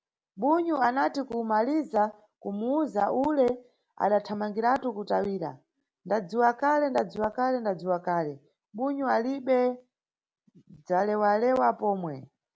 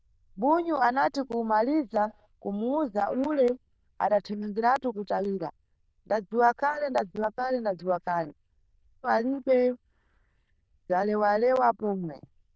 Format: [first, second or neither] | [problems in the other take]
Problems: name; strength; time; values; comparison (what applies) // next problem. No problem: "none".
first | noise reduction (neural diffusion model UNIVERSE++)